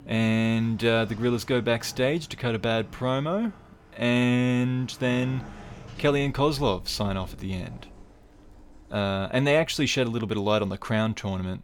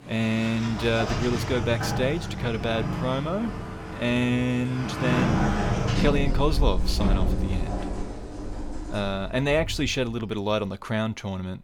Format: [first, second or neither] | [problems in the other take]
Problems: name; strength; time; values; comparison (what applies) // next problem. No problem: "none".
first | household noises; loud; throughout; 2 dB below the speech; faint in the first